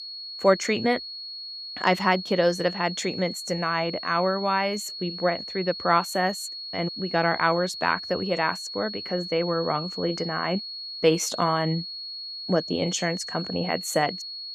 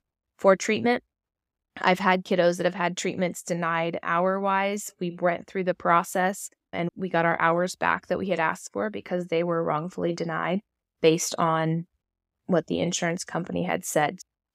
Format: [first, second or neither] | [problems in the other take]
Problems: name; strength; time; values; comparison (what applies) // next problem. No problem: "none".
second | high-pitched whine; loud; throughout; 4.5 kHz, 8 dB below the speech